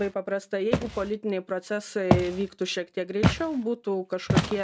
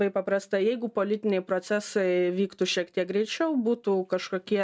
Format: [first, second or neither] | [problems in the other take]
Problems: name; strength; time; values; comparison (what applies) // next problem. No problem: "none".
second | background sound (Walk, footsteps); 1 dB below the speech